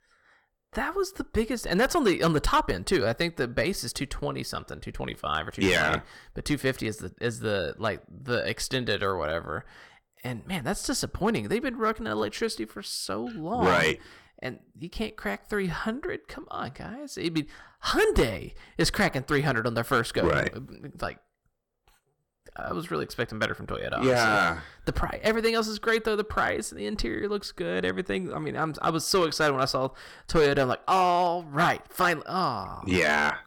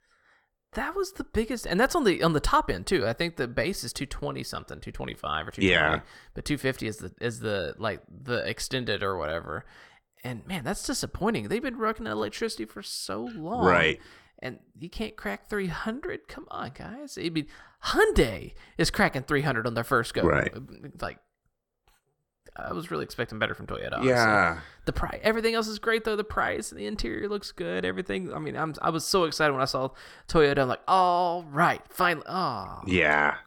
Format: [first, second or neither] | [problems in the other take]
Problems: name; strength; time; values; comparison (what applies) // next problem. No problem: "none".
second | distortion; slight; 2% of the sound clipped